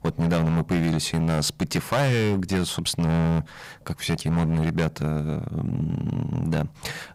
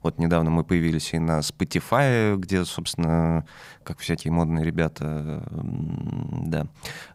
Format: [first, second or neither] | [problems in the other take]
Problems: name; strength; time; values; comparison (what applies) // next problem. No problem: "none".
second | distortion; heavy; 10% of the sound clipped